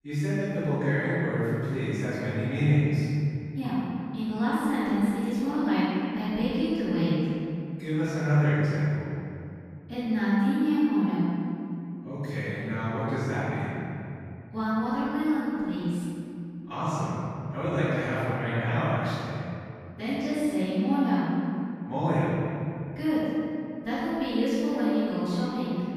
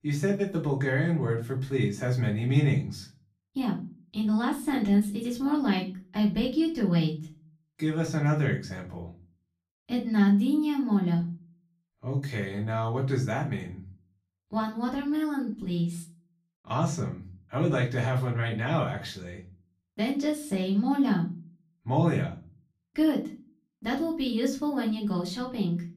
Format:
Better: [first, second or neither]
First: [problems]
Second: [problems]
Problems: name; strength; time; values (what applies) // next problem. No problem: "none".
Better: second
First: room echo; strong; dies away in 2.7 s // off-mic speech; far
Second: room echo; slight; dies away in 0.3 s // off-mic speech; far